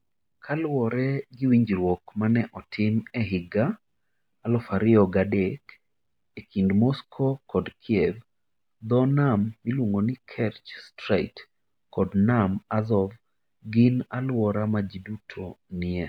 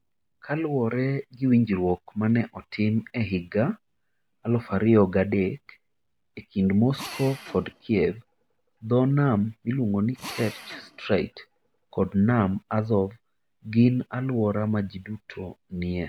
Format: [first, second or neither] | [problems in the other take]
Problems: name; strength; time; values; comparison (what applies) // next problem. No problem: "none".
first | background sound (Drill); 18 dB below the speech